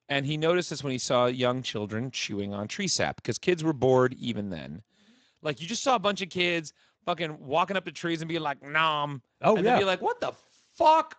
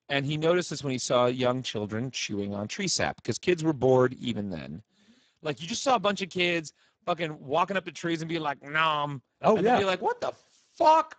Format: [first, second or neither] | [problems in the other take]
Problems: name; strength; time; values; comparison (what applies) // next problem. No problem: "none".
first | garbled, watery; badly; nothing above 7.5 kHz; slightly in the first